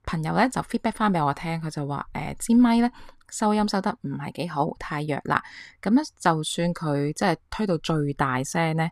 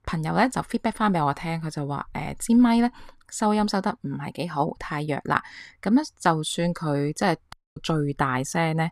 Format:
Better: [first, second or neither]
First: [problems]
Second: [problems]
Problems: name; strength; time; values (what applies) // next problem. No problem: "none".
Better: first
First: none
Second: audio cutting out; at 7.5 s